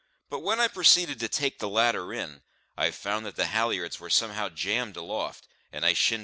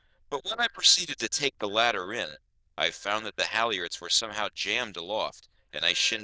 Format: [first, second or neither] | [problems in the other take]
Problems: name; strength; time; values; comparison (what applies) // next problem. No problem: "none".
first | noise reduction (neural diffusion model UNIVERSE++)